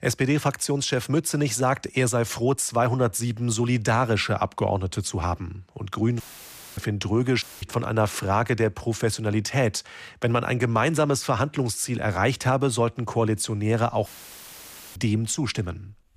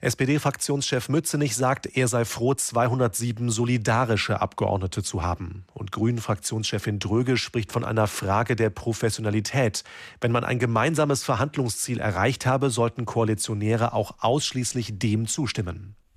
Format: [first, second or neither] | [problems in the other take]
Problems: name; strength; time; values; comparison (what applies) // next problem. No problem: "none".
second | audio cutting out; filled with static; at 6 s for 0.5 s, at 7.5 s and at 14 s for 1 s